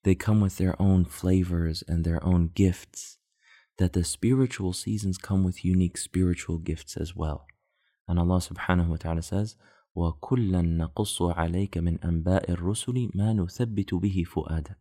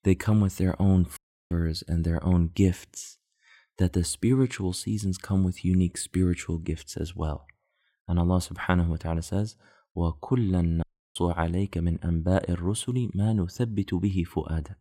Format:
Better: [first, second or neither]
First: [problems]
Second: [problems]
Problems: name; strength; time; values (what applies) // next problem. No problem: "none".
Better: first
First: none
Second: audio cutting out; at 1 s and at 11 s